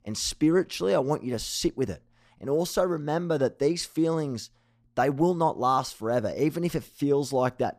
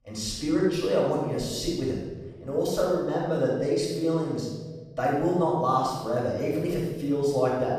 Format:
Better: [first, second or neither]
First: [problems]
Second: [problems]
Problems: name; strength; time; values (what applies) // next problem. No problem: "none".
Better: first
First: none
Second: off-mic speech; far // room echo; strong; dies away in 1.1 s